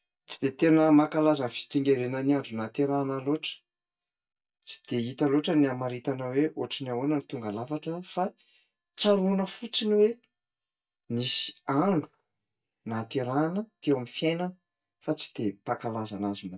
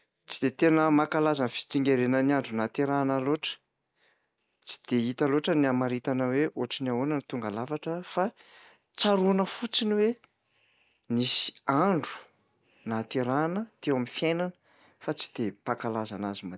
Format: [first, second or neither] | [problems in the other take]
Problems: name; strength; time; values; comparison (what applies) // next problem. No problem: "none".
second | noise reduction (neural mask model DeepFilterNet 3)